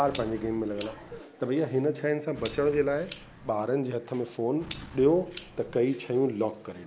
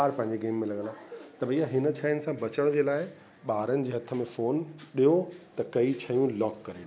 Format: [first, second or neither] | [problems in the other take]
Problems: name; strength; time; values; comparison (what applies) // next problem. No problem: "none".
second | background sound (Clock); 18 dB below the speech